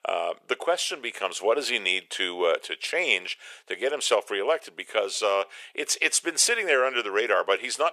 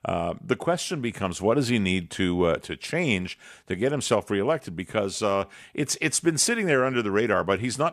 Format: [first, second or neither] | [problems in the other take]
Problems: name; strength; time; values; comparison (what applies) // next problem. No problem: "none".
second | thin; very; fading below 450 Hz